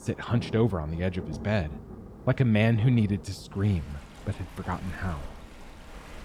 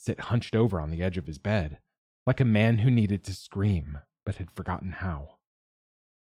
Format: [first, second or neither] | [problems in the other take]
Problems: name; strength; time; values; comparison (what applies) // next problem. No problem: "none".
second | rain or running water; noticeable; throughout; 15 dB below the speech